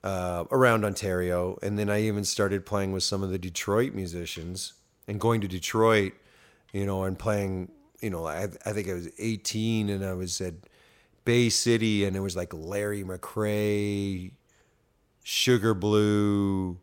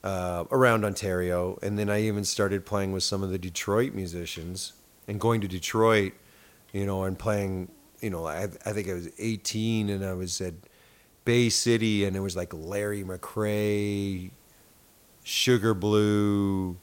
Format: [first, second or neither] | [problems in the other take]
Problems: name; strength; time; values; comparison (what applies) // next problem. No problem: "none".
first | hiss; faint; throughout; 30 dB below the speech